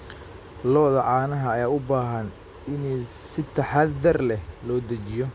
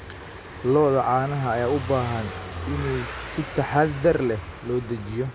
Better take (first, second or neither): first